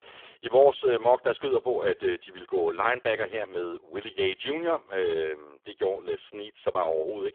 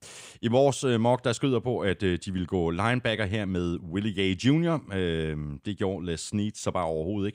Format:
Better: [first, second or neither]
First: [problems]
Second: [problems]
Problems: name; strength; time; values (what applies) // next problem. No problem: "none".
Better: second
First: phone-call audio; poor line; nothing above 3.5 kHz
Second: none